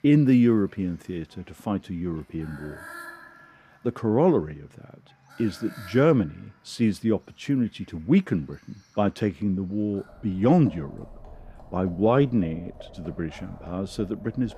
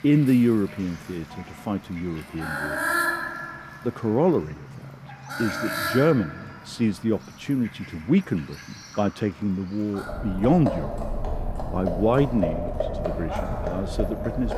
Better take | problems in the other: first | animal sounds; loud; throughout; 5 dB below the speech; faint in the first

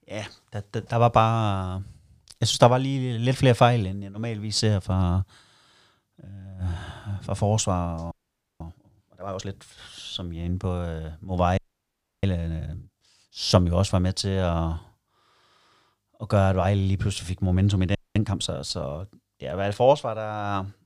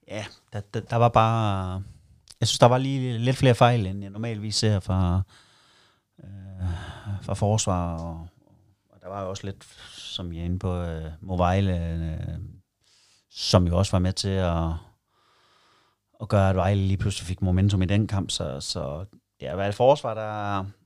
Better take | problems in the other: second | audio freezing; at 8 s, at 12 s for 0.5 s and at 18 s

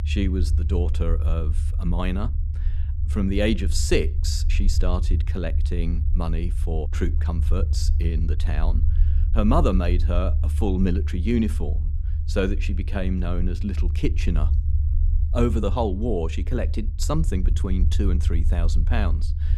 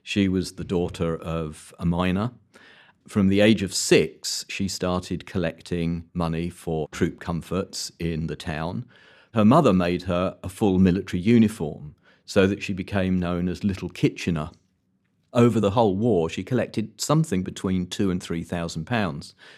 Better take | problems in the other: second | low rumble; noticeable; throughout; 15 dB below the speech

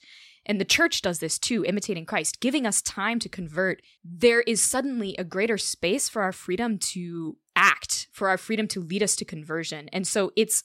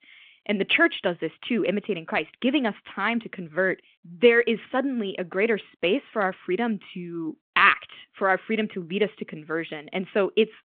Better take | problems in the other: first | phone-call audio

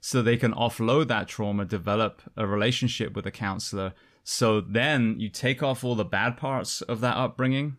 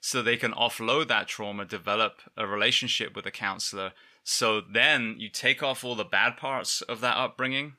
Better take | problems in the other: first | thin; somewhat; fading below 800 Hz

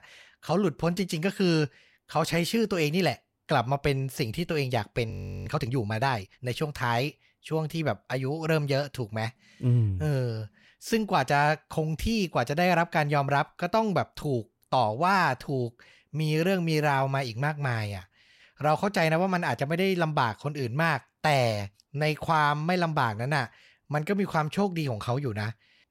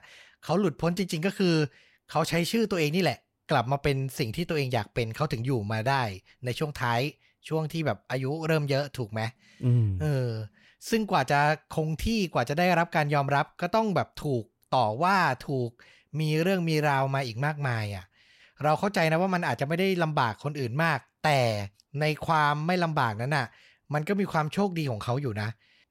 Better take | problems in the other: second | audio freezing; at 5 s

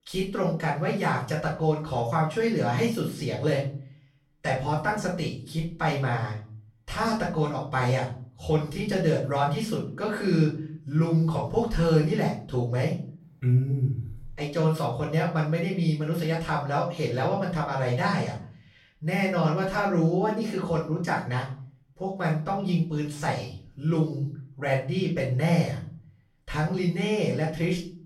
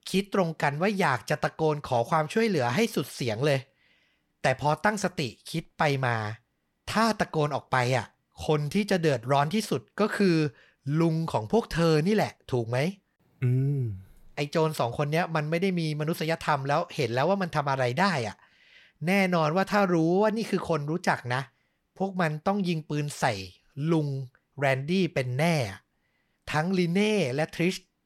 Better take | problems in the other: second | off-mic speech; far // room echo; slight; dies away in 0.5 s

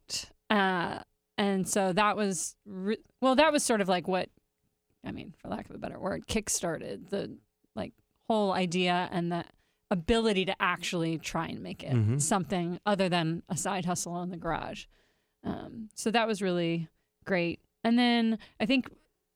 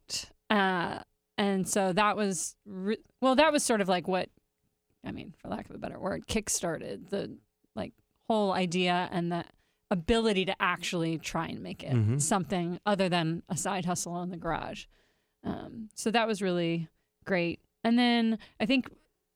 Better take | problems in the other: neither | none

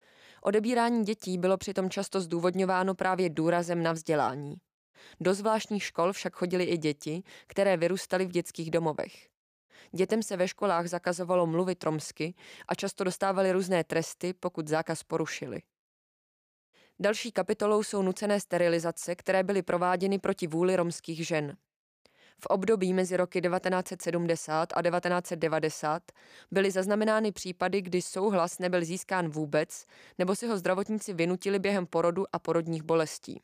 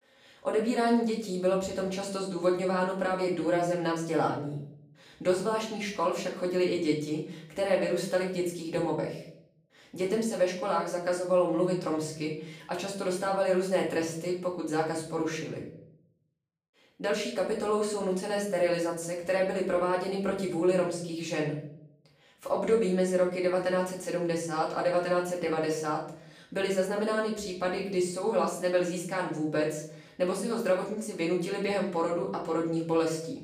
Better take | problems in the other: first | off-mic speech; far // room echo; slight; dies away in 0.5 s

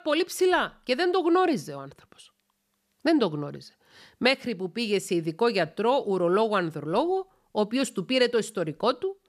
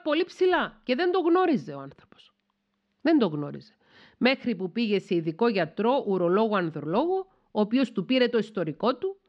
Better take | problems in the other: first | muffled; very slightly; fading above 4 kHz

